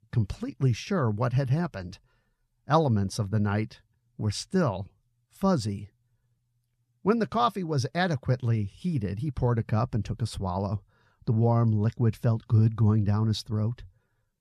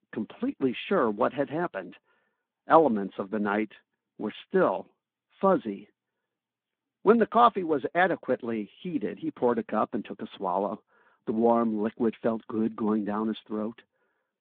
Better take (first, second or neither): first